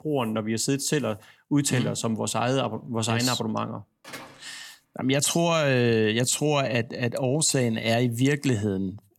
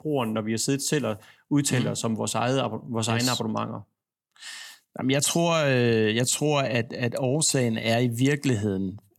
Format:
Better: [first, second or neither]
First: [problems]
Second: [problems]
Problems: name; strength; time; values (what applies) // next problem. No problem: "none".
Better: second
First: door banging; faint; at 4 s; peak 15 dB below the speech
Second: none